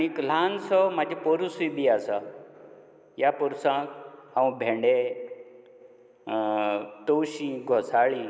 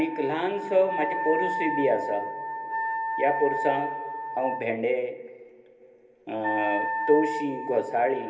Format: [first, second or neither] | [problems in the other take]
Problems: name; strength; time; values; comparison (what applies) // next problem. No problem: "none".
first | background sound (Wind instrument, woodwind instrument); 4 dB below the speech // room echo; dies away in 0.3 s